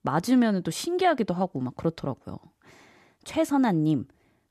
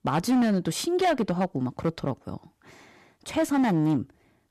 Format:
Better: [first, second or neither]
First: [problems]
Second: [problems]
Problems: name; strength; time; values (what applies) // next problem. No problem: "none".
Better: first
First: none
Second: distortion; slight; 8% of the sound clipped